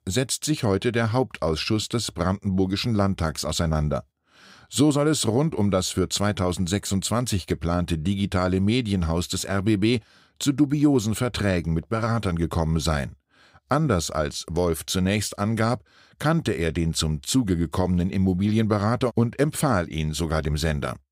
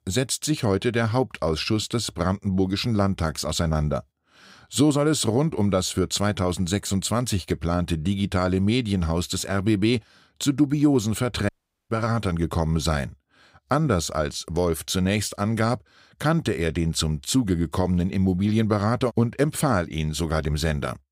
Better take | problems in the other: first | audio cutting out; at 11 s

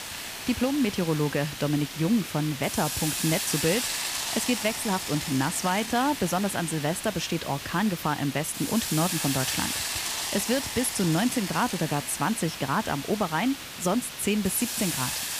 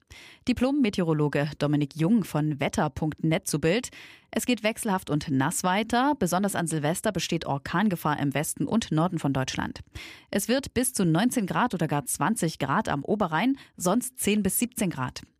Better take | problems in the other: second | hiss; loud; throughout; 4 dB below the speech

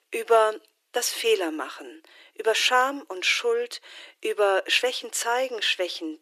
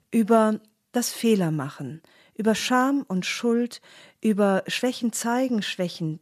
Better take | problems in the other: second | thin; very; fading below 300 Hz

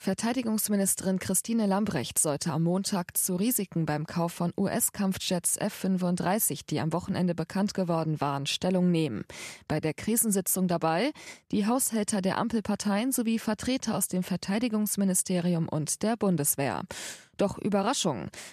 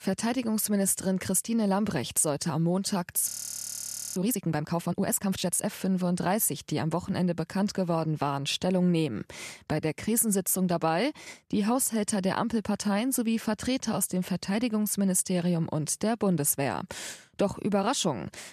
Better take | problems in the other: first | audio freezing; at 3.5 s for 1 s

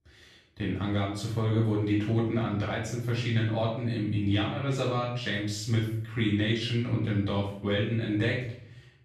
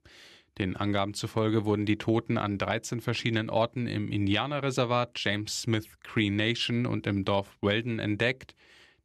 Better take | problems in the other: second | off-mic speech; far // room echo; noticeable; dies away in 0.7 s

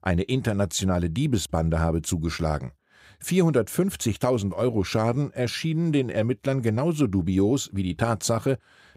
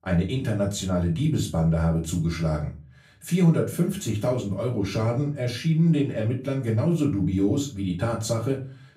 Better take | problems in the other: first | off-mic speech; far // room echo; very slight; dies away in 0.3 s

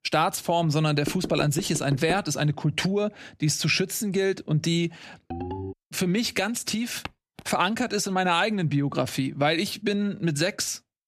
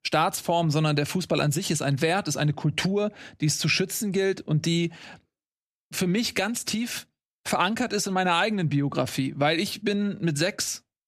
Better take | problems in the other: second | door banging; noticeable; from 1 to 2 s; peak 8 dB below the speech // phone ringing; noticeable; at 5.5 s; peak 8 dB below the speech // footsteps; very faint; at 7 s; peak 15 dB below the speech

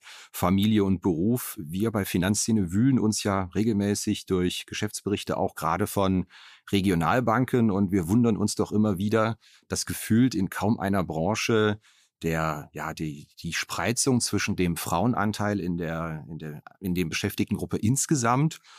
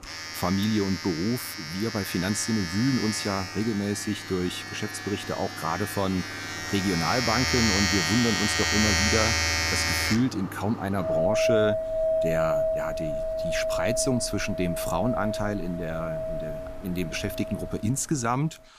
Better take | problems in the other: first | household noises; very loud; throughout; 1 dB above the speech

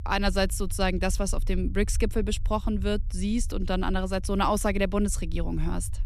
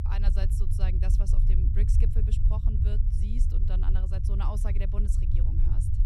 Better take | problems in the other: first | low rumble; loud; throughout; 1 dB below the speech; faint in the first

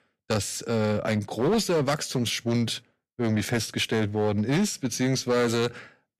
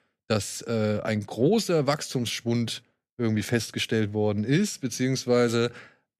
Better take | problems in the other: second | distortion; slight; 9% of the sound clipped

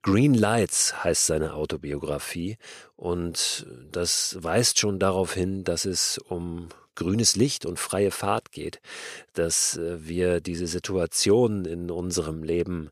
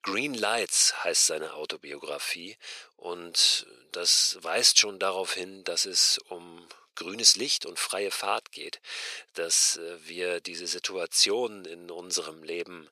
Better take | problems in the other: first | thin; somewhat; fading below 550 Hz

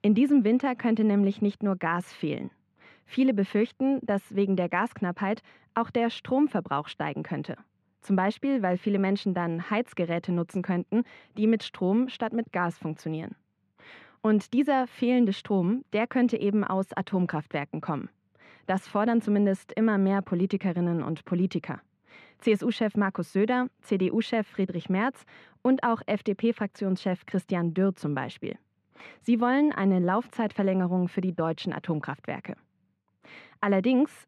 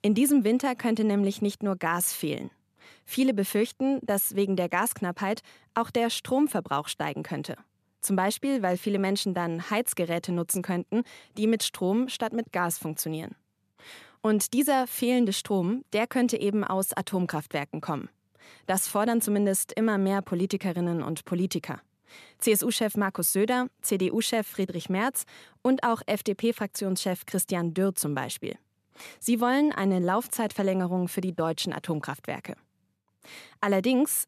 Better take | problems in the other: second | muffled; slightly; fading above 2.5 kHz

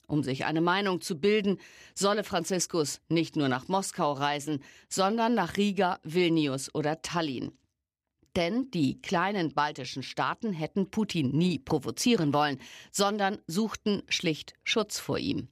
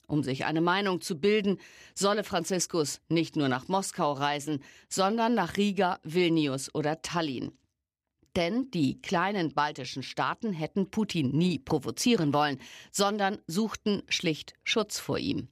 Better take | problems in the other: neither | none

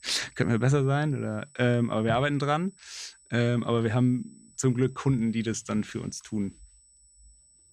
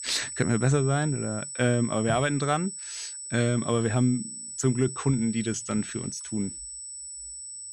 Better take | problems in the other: first | high-pitched whine; loud; throughout; 8 kHz, 8 dB below the speech; faint in the first

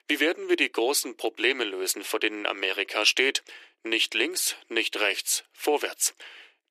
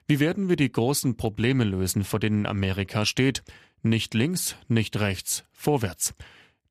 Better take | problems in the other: second | thin; very; fading below 300 Hz

